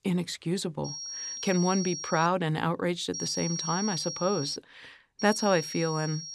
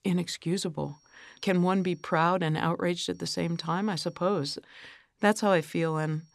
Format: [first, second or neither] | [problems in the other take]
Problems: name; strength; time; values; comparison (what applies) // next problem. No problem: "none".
second | high-pitched whine; loud; from 1 to 2.5 s, from 3 to 4.5 s and from 5 s on; 5.5 kHz, 6 dB below the speech; faint in the second